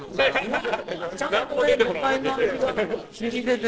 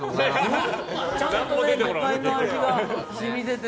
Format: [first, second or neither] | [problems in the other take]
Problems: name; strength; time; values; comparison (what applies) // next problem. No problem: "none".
second | noise reduction (neural separator model SepFormer DNS4)